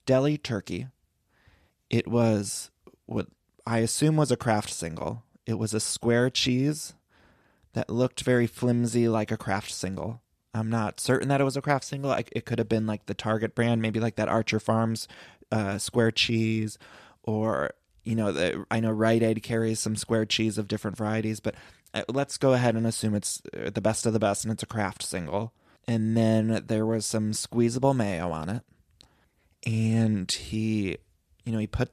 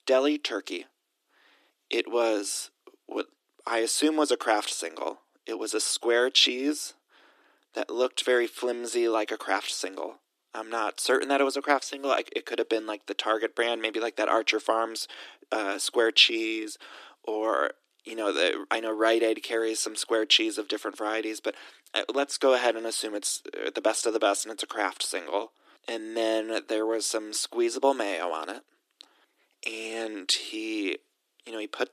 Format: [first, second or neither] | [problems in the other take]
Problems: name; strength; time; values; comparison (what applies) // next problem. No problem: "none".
first | thin; very; fading below 300 Hz